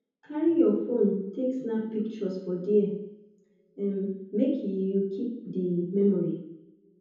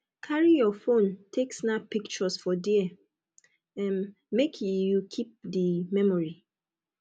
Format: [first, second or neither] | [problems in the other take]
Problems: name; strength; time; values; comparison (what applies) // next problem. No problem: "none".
second | room echo; dies away in 0.9 s